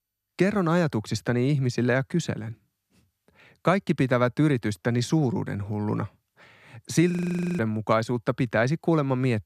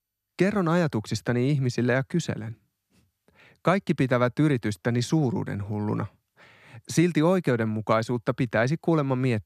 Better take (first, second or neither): second